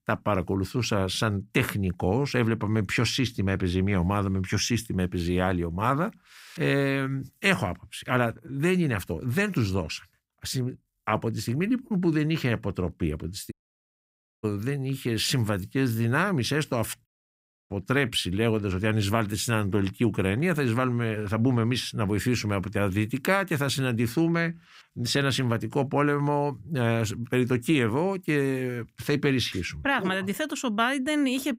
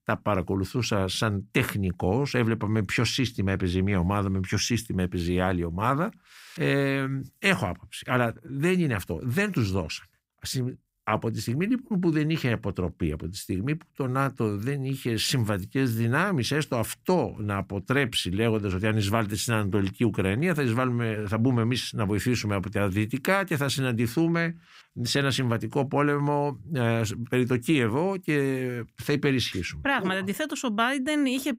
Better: second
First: audio cutting out; at 14 s for 1 s and at 17 s for 0.5 s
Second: none

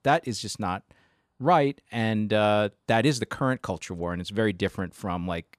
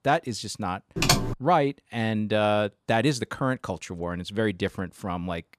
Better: first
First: none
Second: keyboard typing; loud; at 1 s; peak 5 dB above the speech

